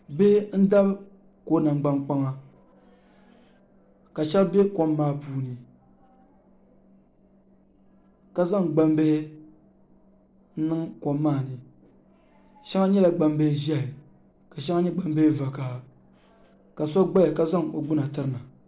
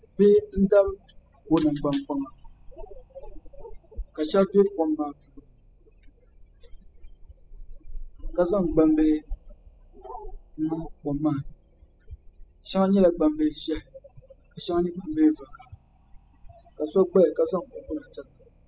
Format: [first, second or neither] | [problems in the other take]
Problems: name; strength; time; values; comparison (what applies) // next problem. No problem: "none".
first | noise reduction (classical method spectral subtraction)